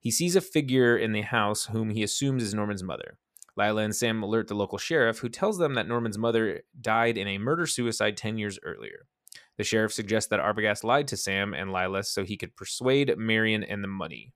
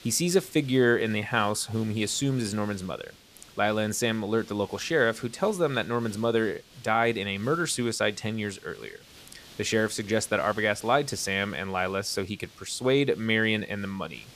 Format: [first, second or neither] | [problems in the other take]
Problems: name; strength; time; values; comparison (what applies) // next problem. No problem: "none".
first | hiss; faint; throughout; 25 dB below the speech